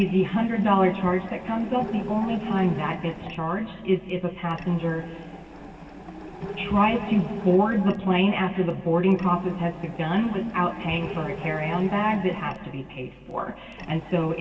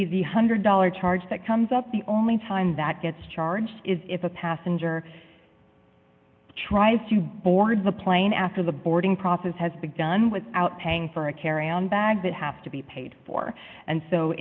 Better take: second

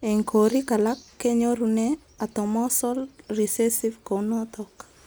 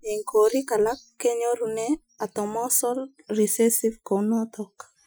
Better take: first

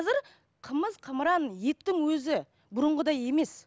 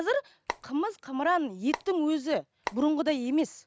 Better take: first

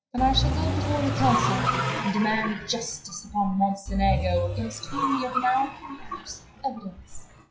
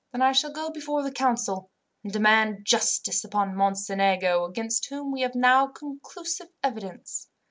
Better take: second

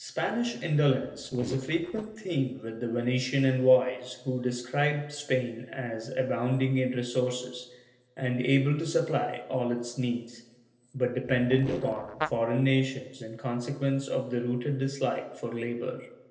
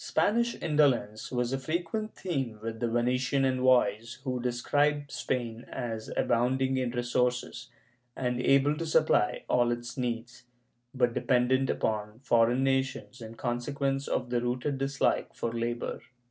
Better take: second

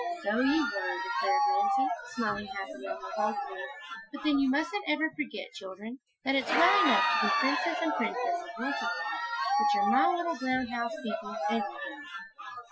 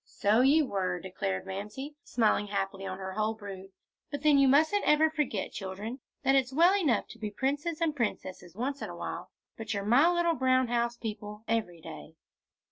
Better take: second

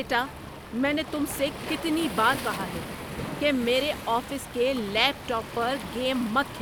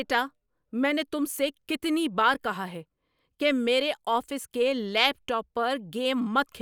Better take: second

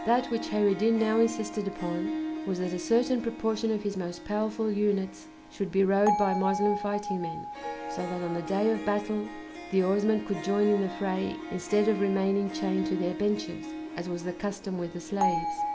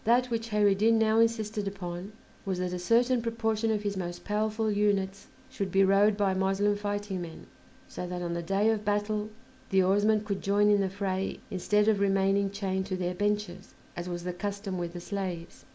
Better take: second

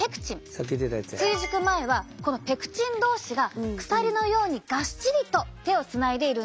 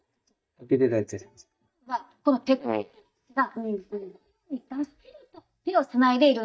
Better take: first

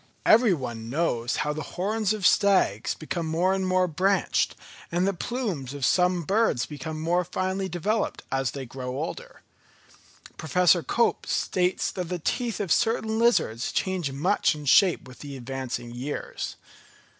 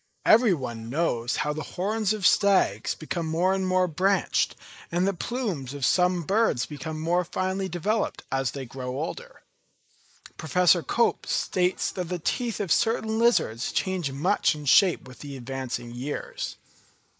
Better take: first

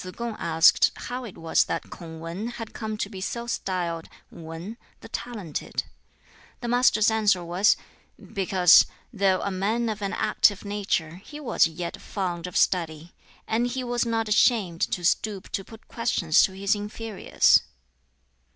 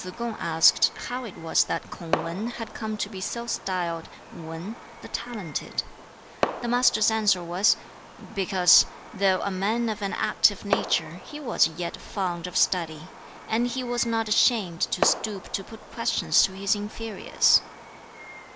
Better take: first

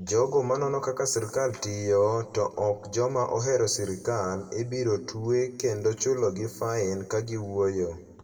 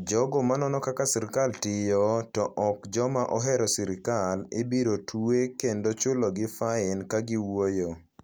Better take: second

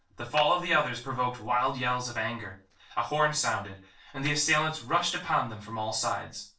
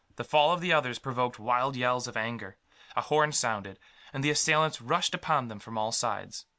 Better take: second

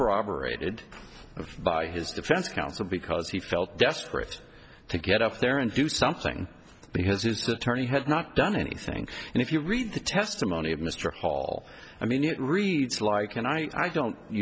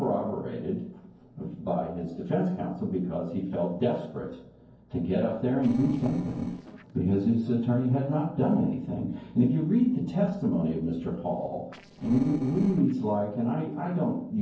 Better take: first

